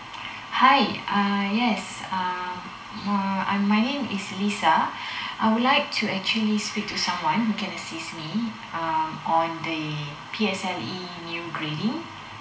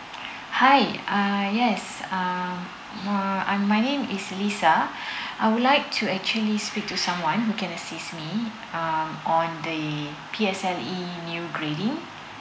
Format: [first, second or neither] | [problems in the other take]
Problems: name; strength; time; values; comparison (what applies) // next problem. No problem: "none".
second | room echo; dies away in 0.2 s